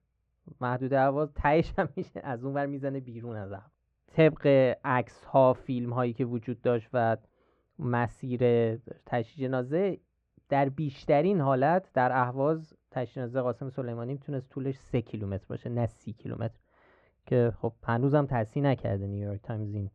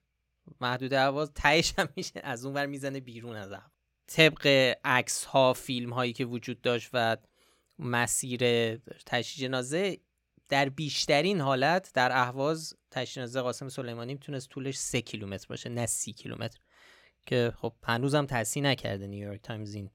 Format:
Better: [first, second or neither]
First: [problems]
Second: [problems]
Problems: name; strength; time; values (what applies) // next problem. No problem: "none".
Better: second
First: muffled; very; fading above 1 kHz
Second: none